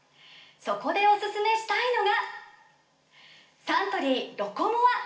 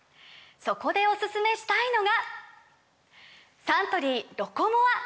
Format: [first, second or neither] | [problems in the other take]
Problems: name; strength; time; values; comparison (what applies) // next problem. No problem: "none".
second | room echo; dies away in 0.4 s